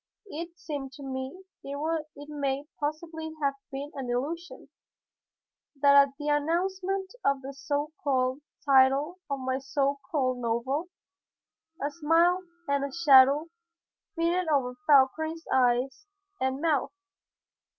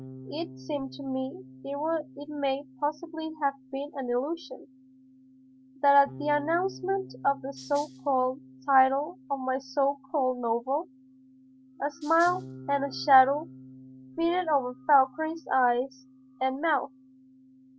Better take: first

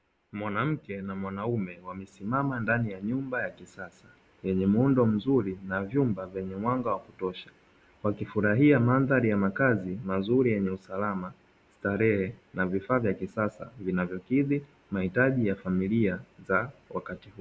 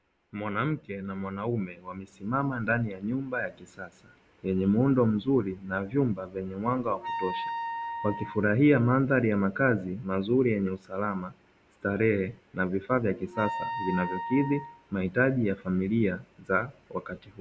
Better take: first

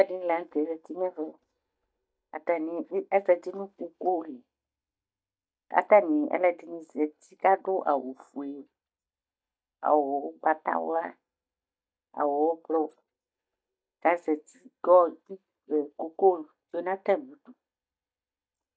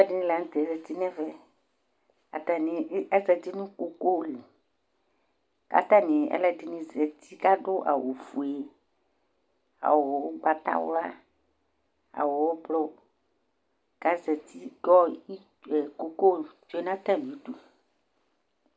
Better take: second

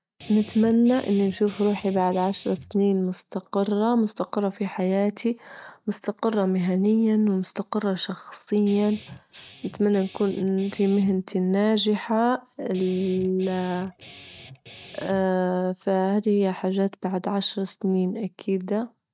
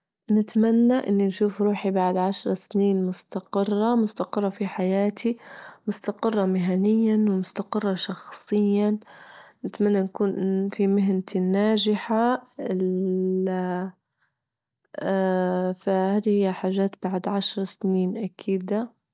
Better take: second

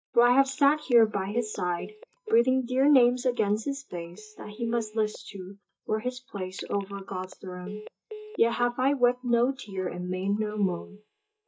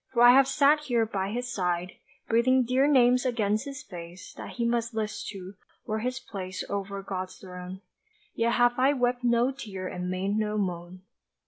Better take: second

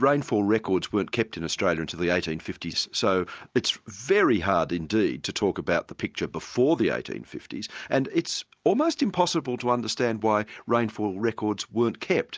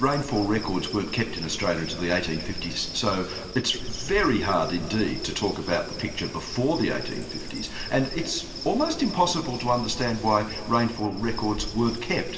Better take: first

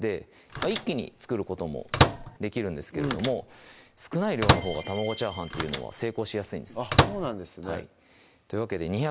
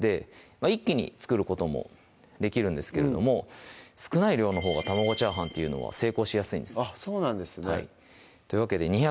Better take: second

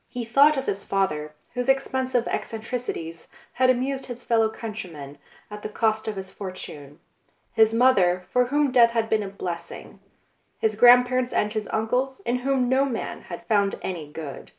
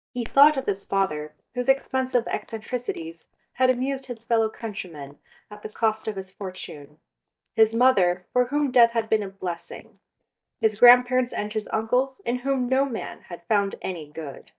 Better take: first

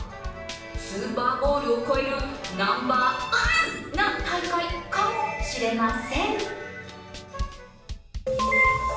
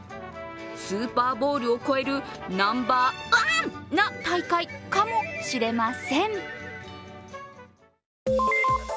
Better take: second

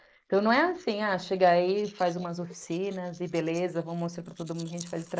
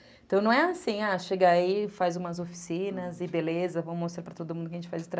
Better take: second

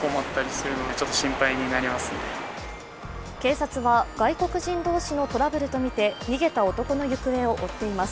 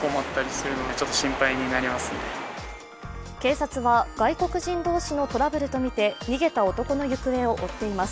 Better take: second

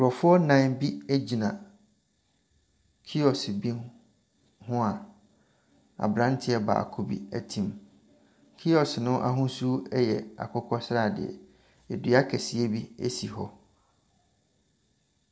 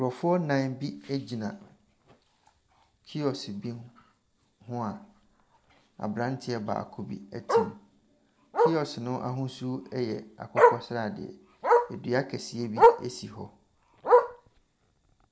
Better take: first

